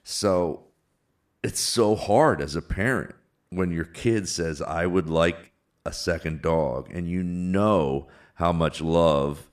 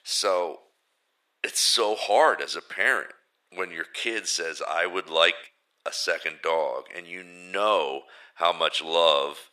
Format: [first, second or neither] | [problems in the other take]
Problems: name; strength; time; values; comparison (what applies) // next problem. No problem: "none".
first | thin; very; fading below 500 Hz